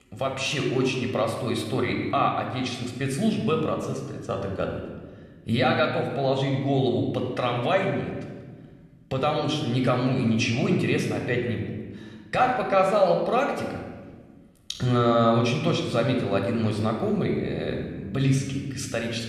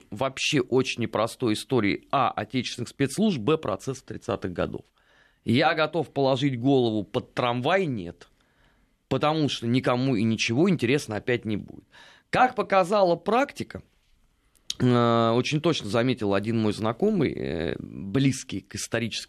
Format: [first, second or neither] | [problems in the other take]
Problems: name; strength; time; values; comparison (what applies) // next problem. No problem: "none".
second | room echo; noticeable; dies away in 1.2 s